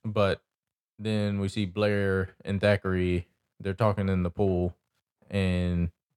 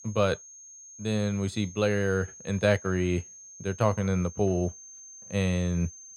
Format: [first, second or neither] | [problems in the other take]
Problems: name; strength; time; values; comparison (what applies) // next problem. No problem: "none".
first | high-pitched whine; noticeable; throughout; 6.5 kHz, 15 dB below the speech